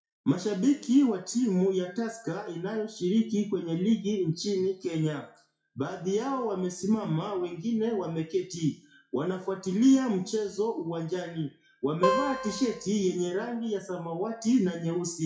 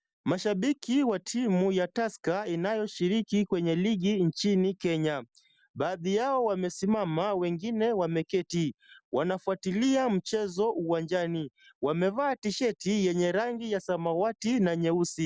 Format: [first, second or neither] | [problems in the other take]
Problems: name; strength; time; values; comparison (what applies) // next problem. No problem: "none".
second | noise reduction (classical method WPE with log-MMSE)